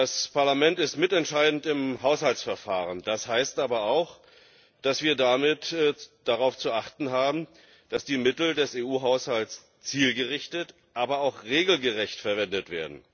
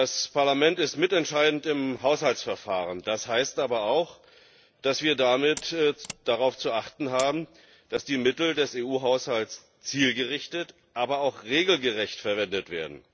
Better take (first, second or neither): first